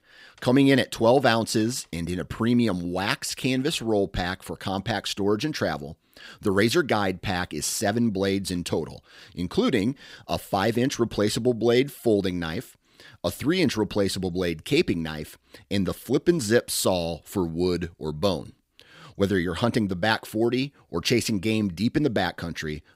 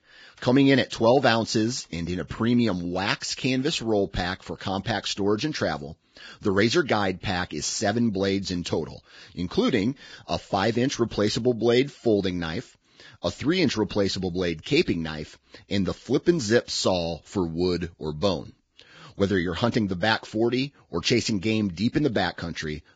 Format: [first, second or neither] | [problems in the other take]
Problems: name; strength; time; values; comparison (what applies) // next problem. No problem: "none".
first | garbled, watery; badly; nothing above 7.5 kHz